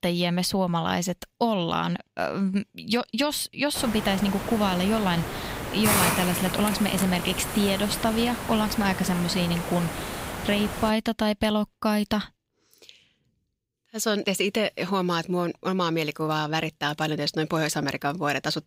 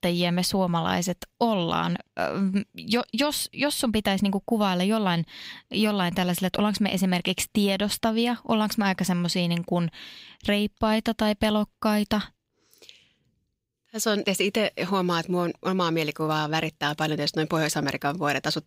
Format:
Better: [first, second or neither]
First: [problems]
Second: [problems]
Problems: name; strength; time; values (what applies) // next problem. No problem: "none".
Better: second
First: hiss; loud; from 4 to 11 s; 4 dB below the speech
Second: none